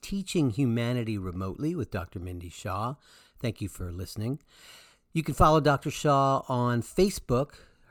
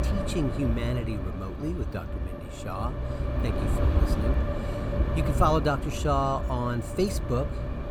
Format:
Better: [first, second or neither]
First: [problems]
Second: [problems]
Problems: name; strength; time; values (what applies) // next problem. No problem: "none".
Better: first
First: none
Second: wind noise on the microphone; heavy; 6 dB below the speech